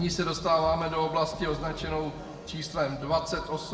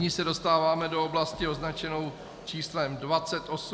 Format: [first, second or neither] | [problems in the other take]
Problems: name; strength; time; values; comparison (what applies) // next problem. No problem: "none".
second | background sound (Run); 18 dB below the speech // room echo; dies away in 1.4 s